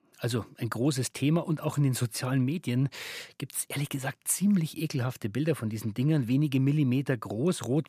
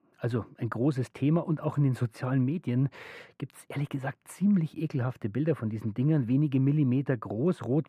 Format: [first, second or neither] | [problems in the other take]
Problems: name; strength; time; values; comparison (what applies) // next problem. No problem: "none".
first | muffled; very; fading above 3 kHz